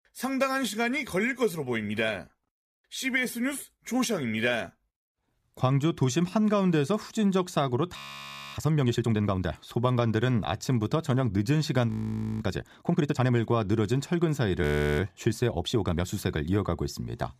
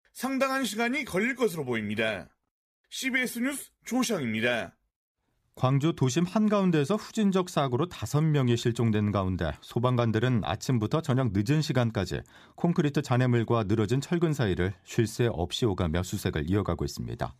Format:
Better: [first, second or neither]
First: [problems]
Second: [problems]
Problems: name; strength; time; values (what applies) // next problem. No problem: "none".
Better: second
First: audio freezing; at 8 s for 0.5 s, at 12 s for 0.5 s and at 15 s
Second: none